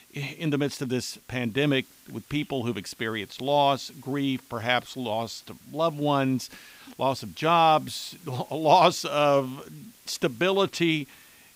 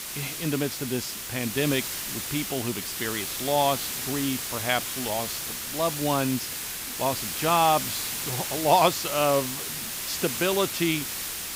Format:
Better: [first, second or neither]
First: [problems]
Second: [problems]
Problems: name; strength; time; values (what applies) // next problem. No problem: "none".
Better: first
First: hiss; faint; throughout; 25 dB below the speech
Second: hiss; loud; throughout; 3 dB below the speech